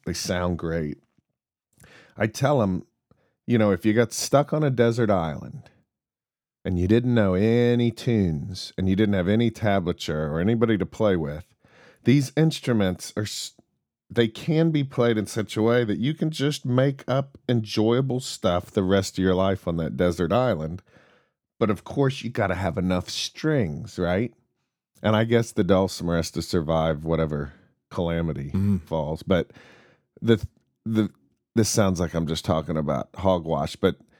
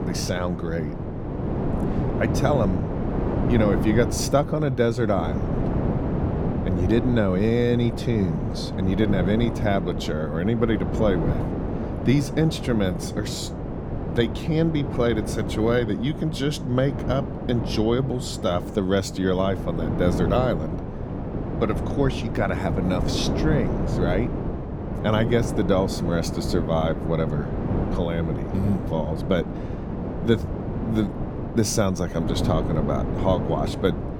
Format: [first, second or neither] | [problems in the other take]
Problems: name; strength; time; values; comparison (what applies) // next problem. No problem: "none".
first | wind noise on the microphone; heavy; 6 dB below the speech